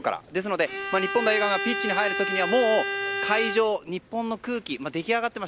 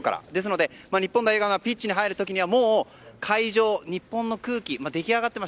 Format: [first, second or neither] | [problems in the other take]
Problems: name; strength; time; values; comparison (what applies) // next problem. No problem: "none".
second | background sound (Bowed string instrument); 4 dB below the speech